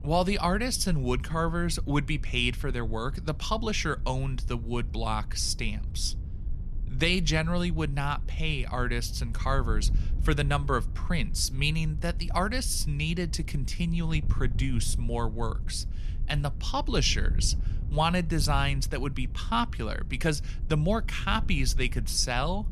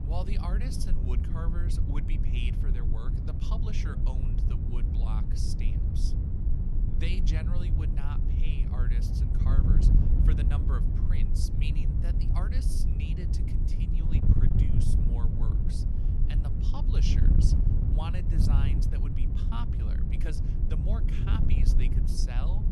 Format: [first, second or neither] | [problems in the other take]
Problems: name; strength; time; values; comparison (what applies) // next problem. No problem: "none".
first | wind noise on the microphone; heavy; 1 dB above the speech; occasional gusts in the first